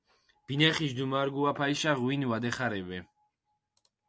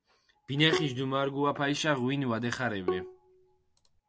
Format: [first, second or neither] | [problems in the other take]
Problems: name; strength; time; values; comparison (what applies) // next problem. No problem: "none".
first | background sound (Bowed string instrument); 6 dB below the speech